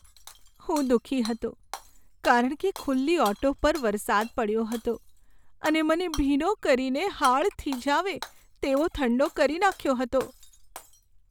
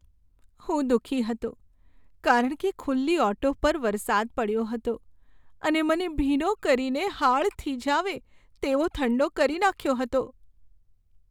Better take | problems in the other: second | background sound (Shatter / Hammer); 20 dB below the speech

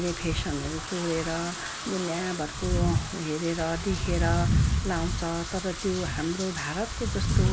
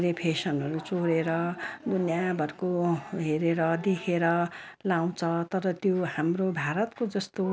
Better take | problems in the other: second | background sound (Wind / Rain); 1 dB above the speech

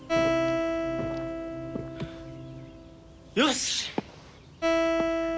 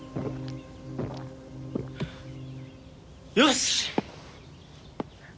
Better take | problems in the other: second | background sound (Acoustic guitar); 4 dB above the speech

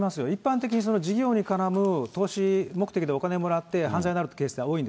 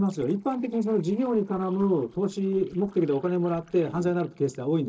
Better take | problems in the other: first | noise reduction (neural separator model SepFormer DNS4)

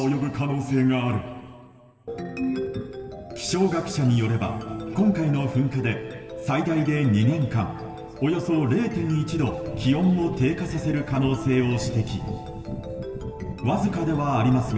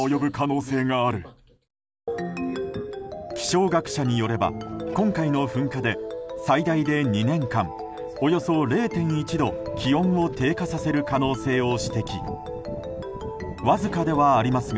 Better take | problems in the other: second | room echo; dies away in 2.3 s

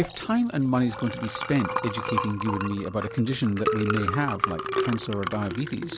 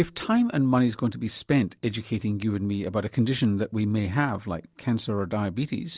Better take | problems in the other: second | background sound (Liquid); 4 dB below the speech

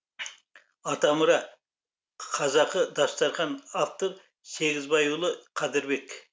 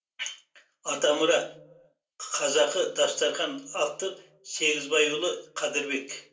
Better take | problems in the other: first | room echo; dies away in 0.3 s

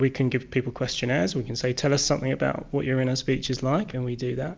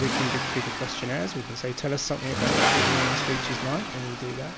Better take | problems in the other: first | background sound (Accelerating, revving, vroom); 3 dB above the speech

